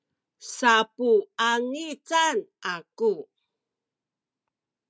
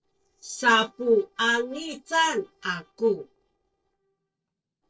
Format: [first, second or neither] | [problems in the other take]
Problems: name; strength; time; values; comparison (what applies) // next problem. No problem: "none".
first | noise reduction (neural separator model SepFormer DNS4)